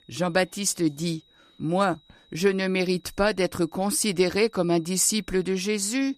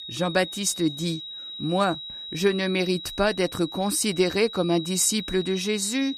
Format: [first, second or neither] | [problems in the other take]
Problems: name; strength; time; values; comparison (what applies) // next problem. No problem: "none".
first | high-pitched whine; loud; throughout; 4 kHz, 10 dB below the speech; faint in the first